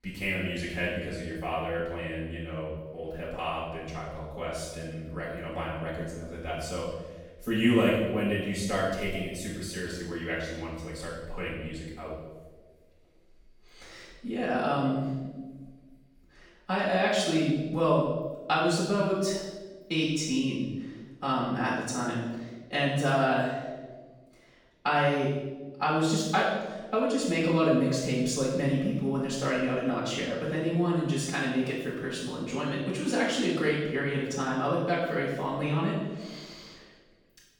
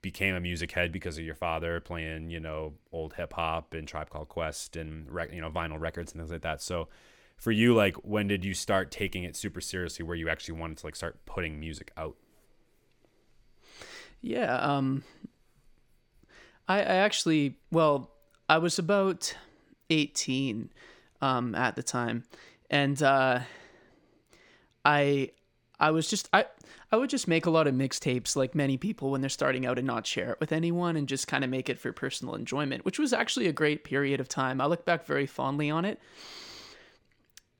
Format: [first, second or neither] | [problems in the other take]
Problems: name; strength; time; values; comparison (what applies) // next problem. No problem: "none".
second | off-mic speech; far // room echo; noticeable; dies away in 1 s